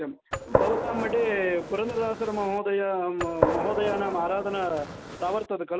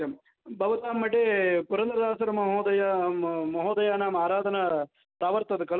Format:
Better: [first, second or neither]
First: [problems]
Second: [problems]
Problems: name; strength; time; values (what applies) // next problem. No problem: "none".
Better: second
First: background sound (Gunshot, gunfire); 2 dB below the speech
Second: none